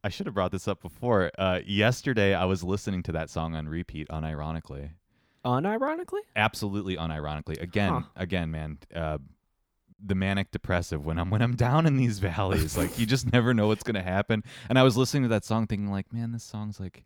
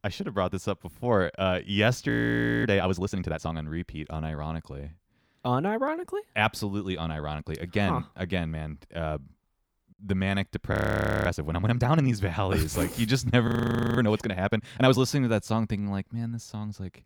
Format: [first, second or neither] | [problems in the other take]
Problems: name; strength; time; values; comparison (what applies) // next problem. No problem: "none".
first | audio freezing; at 2 s for 0.5 s, at 11 s for 0.5 s and at 13 s